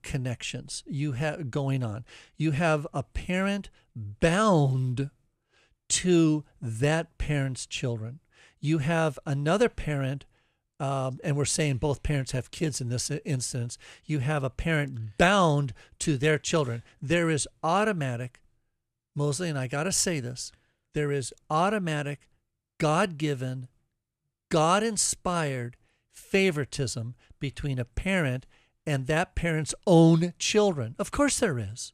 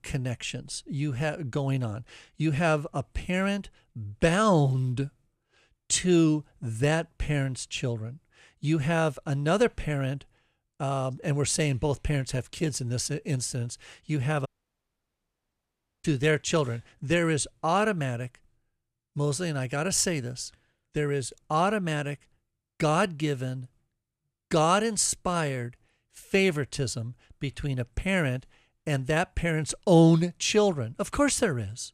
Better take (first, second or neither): first